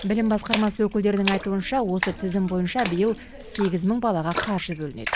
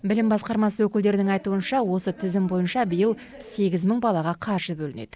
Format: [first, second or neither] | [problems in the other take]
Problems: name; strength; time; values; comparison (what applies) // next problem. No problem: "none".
second | background sound (Splash, splatter); 10 dB below the speech